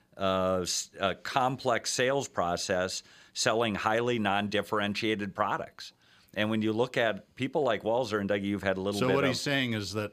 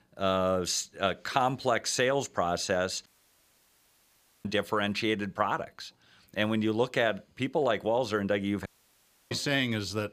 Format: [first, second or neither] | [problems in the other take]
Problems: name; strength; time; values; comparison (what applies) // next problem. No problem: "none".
first | audio cutting out; at 3 s for 1.5 s and at 8.5 s for 0.5 s